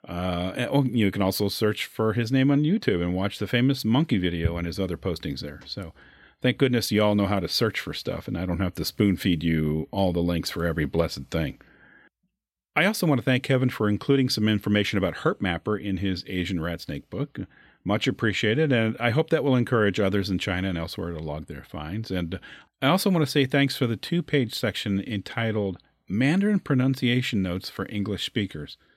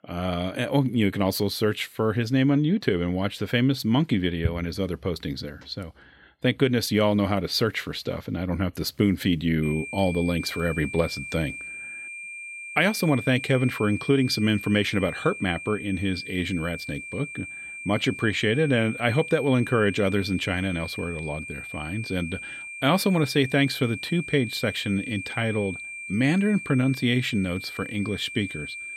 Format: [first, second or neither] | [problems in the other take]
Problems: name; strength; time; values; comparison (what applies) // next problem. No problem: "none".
first | high-pitched whine; loud; from 9.5 s on; 2.5 kHz, 10 dB below the speech